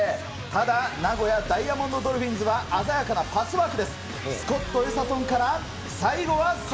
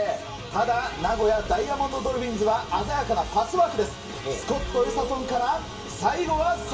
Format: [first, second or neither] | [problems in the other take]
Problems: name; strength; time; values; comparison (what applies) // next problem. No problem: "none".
first | background sound (Bowed string instrument); 20 dB below the speech // room echo; dies away in 0.2 s